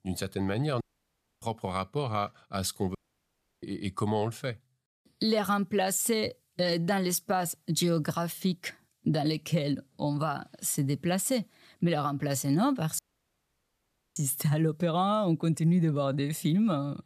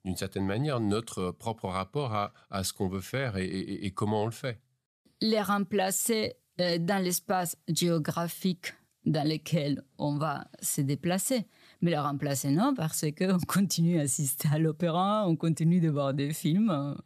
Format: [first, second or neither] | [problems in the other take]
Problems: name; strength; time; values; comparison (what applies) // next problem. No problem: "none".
second | audio cutting out; at 1 s for 0.5 s, at 3 s for 0.5 s and at 13 s for 1 s